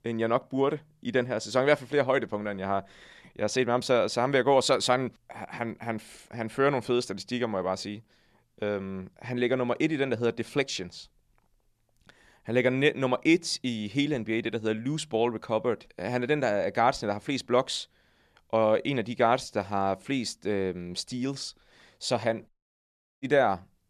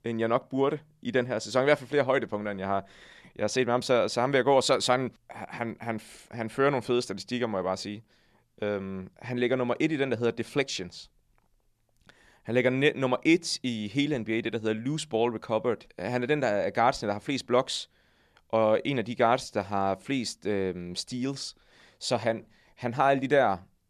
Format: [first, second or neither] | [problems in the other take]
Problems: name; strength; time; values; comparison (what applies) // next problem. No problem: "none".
second | audio cutting out; at 23 s for 0.5 s